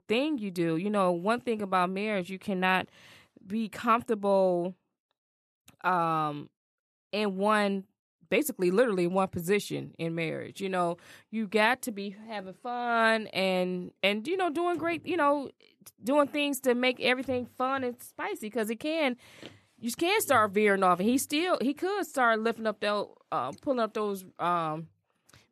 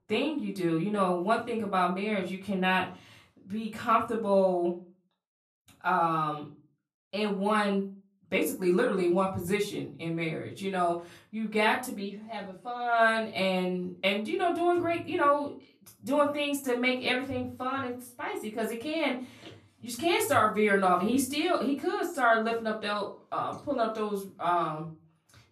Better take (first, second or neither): first